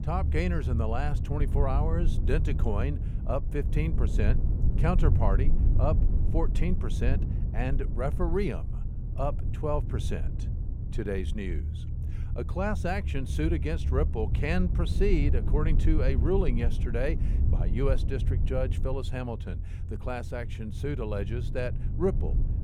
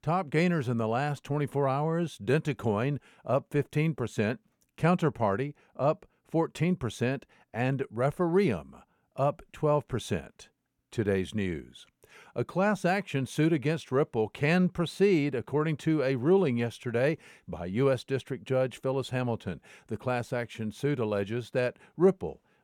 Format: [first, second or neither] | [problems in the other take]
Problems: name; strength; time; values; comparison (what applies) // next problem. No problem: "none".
second | low rumble; noticeable; throughout; 10 dB below the speech